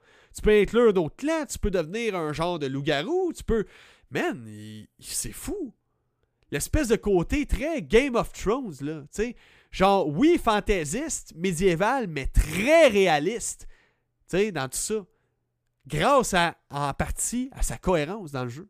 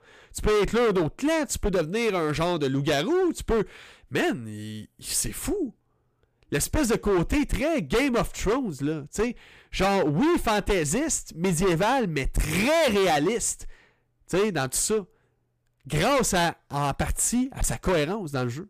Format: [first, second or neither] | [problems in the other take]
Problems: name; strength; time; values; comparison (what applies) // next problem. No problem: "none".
first | distortion; heavy; 15% of the sound clipped